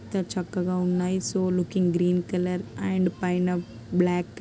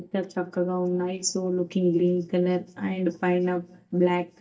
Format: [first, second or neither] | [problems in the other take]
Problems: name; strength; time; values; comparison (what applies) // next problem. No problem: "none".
first | noise reduction (neural mask model DeepFilterNet 3)